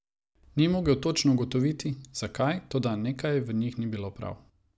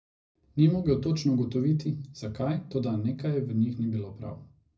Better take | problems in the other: first | room echo; dies away in 0.4 s

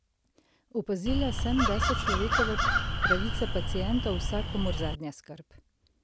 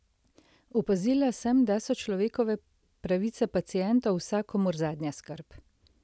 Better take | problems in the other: second | background sound (Crow); 5 dB above the speech

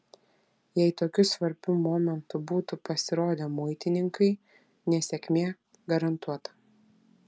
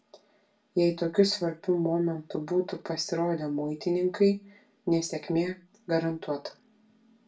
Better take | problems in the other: first | room echo; dies away in 0.2 s

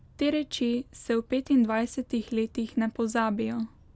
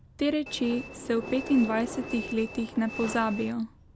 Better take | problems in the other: first | background sound (Train); 11 dB below the speech

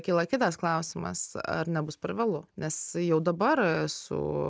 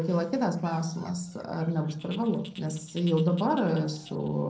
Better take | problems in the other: first | noise reduction (neural separator model SepFormer DNS4)

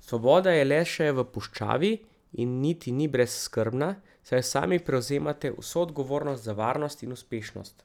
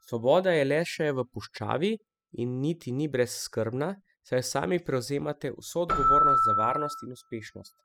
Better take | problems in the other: first | noise reduction (classical method spectral subtraction)

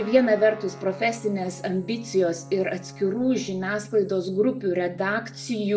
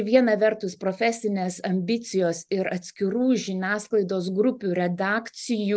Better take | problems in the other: second | background sound (Guitar); 18 dB below the speech // room echo; dies away in 0.4 s

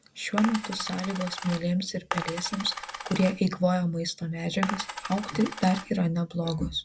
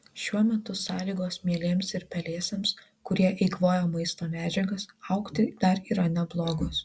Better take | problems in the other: second | background sound (Coin (dropping)); 8 dB below the speech

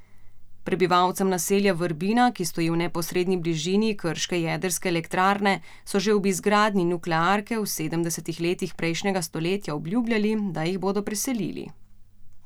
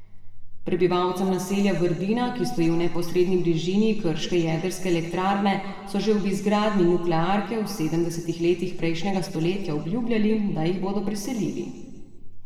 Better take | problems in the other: first | room echo; dies away in 1.6 s

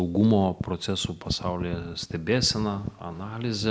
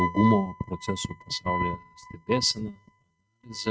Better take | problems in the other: first | noise reduction (neural mask model RNNoise)

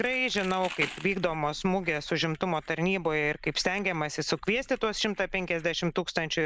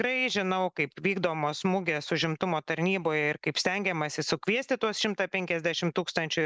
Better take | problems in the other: second | background sound (Crumpling, crinkling); 16 dB below the speech

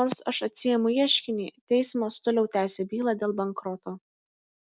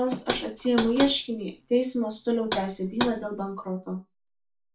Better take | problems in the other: first | background sound (Knock); 8 dB below the speech // room echo; dies away in 0.2 s

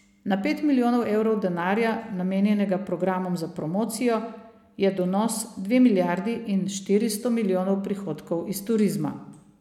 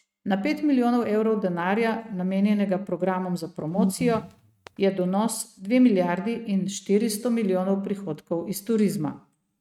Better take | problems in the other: first | noise reduction (neural mask model RNNoise)

